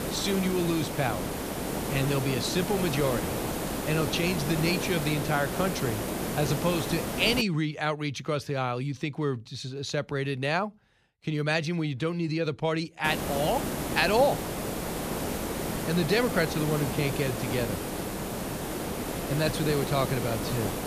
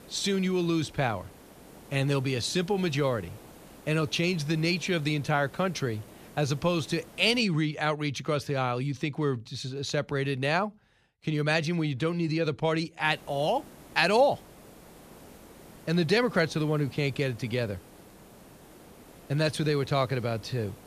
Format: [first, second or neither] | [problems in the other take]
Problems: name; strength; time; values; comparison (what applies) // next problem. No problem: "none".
second | hiss; loud; until 7.5 s and from 13 s on; 3 dB below the speech; faint in the second